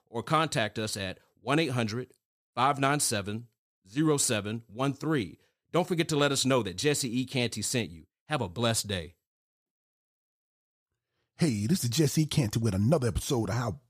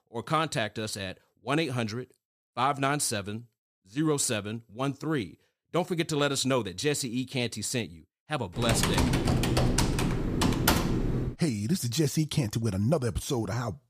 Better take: first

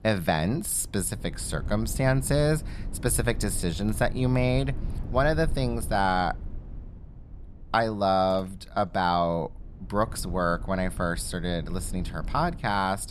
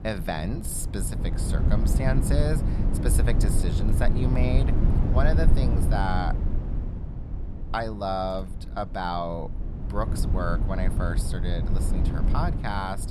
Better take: first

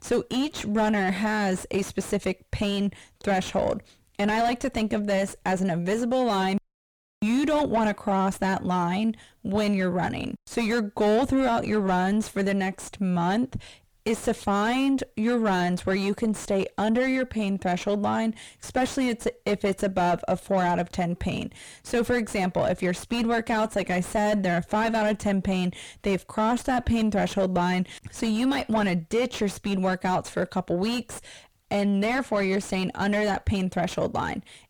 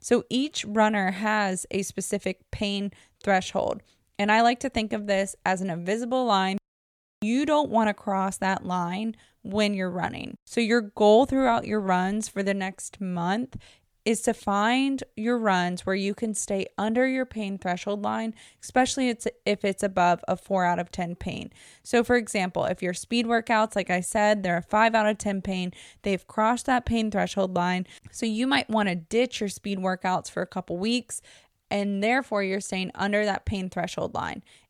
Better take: second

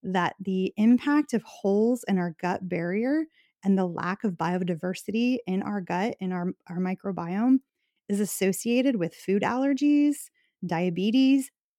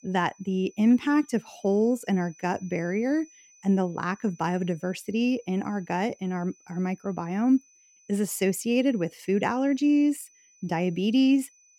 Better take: first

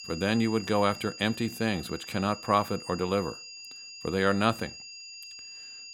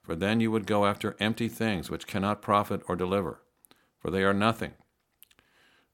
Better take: second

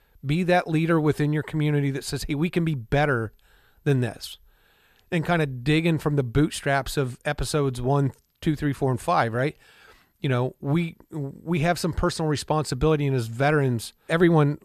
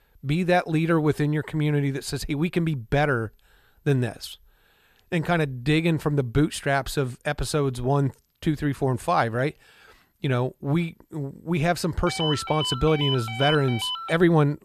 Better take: first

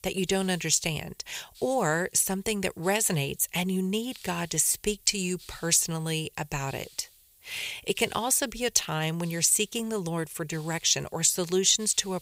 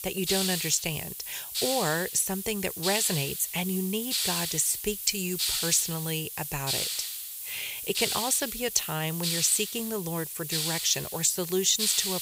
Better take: first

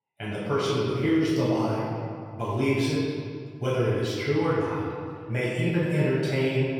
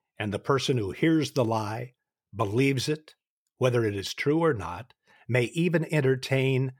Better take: second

